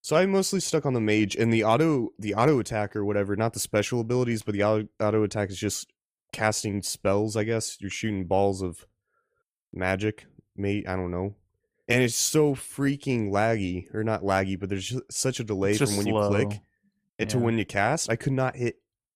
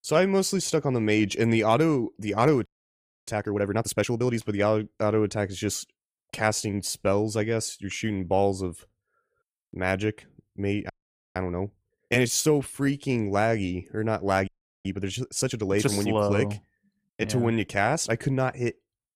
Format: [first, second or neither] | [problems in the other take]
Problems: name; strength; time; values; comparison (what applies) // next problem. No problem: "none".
first | audio freezing; at 2.5 s for 0.5 s, at 11 s and at 14 s